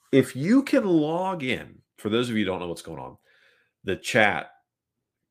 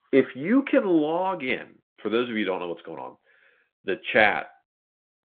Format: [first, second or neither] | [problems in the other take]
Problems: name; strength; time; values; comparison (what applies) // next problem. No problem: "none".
first | phone-call audio